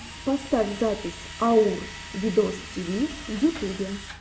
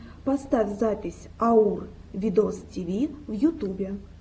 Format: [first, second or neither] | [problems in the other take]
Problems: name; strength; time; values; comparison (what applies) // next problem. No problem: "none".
second | background sound (Drill); 14 dB below the speech